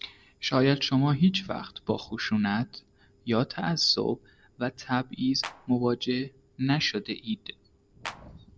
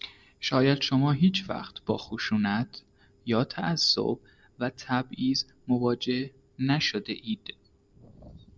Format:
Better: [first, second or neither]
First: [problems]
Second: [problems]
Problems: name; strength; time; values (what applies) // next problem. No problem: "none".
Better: second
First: background sound (Clapping); 13 dB below the speech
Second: none